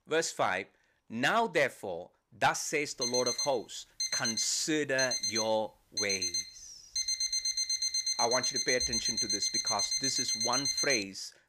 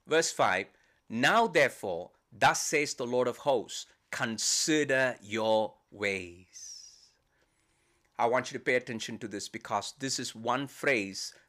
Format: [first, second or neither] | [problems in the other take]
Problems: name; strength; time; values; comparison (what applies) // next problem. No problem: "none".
second | alarm; loud; from 3 s on; peak 4 dB above the speech